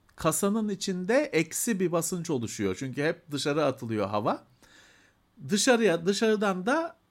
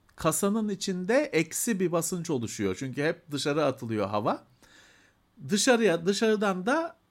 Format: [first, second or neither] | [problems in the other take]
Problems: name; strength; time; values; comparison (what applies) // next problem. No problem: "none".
neither | none